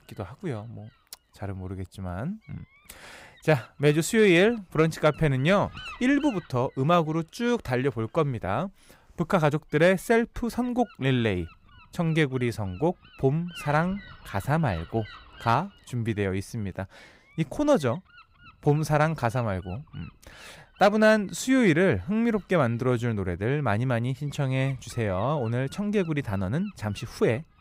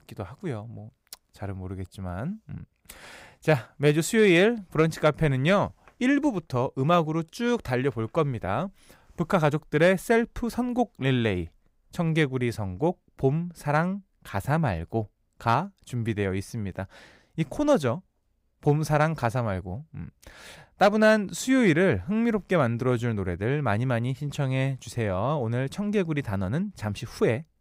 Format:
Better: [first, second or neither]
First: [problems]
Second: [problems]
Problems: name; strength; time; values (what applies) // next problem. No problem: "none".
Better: second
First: wind noise on the microphone; occasional gusts; 20 dB below the speech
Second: none